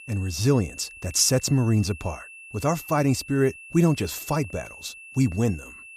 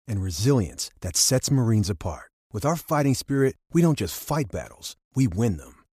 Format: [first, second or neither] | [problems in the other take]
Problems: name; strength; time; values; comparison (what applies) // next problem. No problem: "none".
second | high-pitched whine; noticeable; throughout; 2.5 kHz, 15 dB below the speech